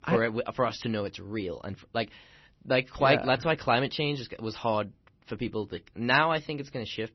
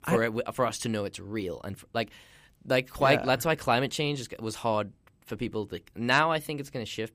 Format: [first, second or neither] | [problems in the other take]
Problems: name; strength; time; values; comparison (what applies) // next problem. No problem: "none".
second | garbled, watery; slightly; nothing above 6 kHz